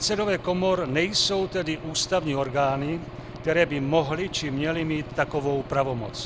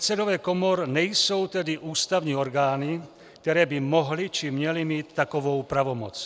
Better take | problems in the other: second | background sound (Engine / Aircraft); 13 dB below the speech

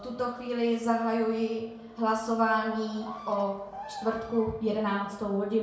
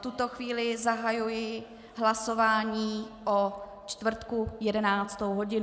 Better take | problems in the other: second | background sound (Bird vocalization, bird call, bird song); 15 dB below the speech // room echo; dies away in 0.6 s

